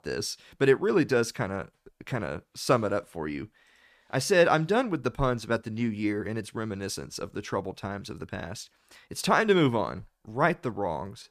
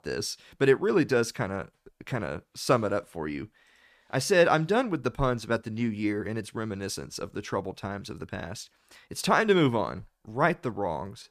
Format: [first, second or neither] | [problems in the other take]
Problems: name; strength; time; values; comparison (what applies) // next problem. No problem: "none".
neither | none